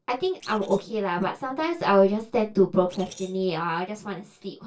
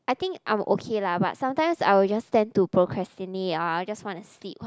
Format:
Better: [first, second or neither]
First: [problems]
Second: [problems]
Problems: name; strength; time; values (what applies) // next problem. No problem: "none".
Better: second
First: noise reduction (neural separator model SepFormer DNS4)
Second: none